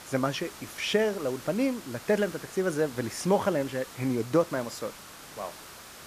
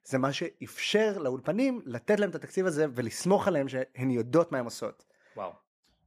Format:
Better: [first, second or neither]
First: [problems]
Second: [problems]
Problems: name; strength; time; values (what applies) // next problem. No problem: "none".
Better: second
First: hiss; noticeable; throughout; 15 dB below the speech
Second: none